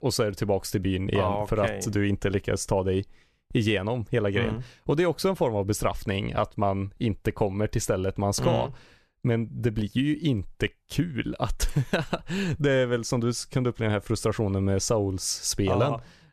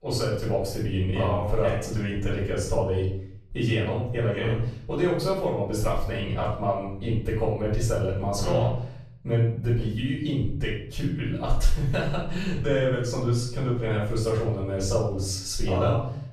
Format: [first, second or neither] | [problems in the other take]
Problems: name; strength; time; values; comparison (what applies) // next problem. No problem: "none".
first | off-mic speech; far // room echo; noticeable; dies away in 0.6 s